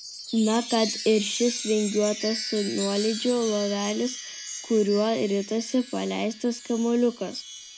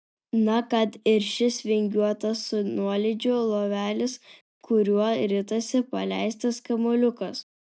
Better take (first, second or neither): second